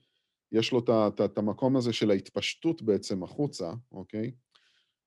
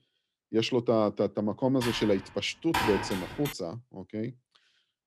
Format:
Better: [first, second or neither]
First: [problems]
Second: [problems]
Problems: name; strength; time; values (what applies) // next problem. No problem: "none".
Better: first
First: none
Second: keyboard typing; loud; from 2 to 3.5 s; peak level with the speech